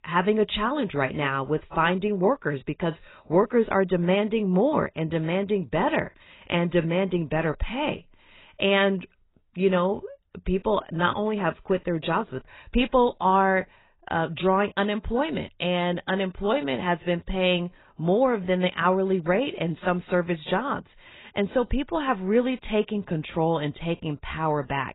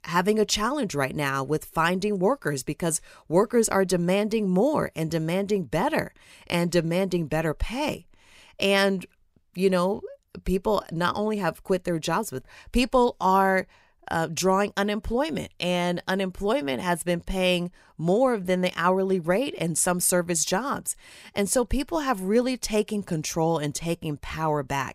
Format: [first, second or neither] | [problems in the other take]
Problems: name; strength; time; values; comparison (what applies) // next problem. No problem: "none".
second | garbled, watery; badly; nothing above 4 kHz